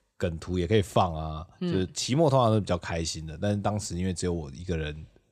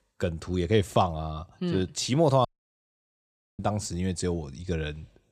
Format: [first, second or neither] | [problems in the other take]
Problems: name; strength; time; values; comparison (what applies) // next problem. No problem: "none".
first | audio cutting out; at 2.5 s for 1 s